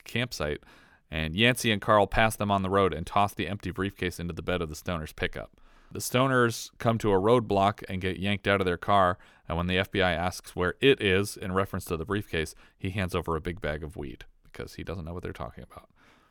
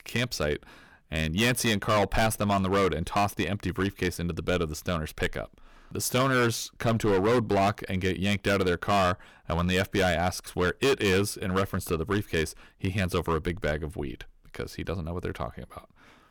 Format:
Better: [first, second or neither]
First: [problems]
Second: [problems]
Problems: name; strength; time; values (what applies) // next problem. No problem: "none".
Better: first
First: none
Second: distortion; heavy; 8% of the sound clipped